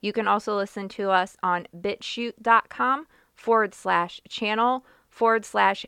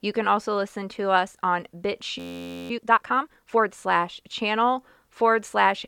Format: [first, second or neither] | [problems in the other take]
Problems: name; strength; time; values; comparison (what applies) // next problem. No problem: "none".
first | audio freezing; at 2 s for 0.5 s